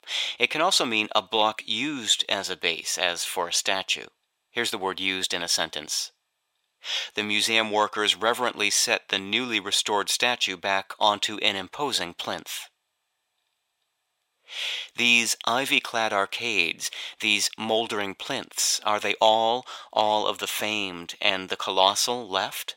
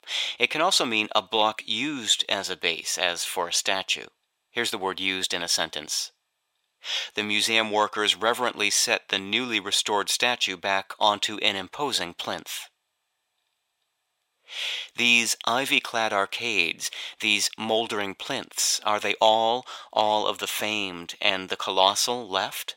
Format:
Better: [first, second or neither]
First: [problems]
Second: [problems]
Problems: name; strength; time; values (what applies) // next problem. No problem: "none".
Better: neither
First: thin; very; fading below 700 Hz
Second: thin; very; fading below 700 Hz